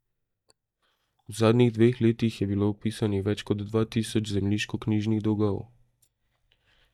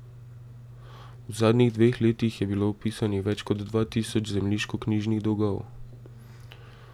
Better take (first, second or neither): second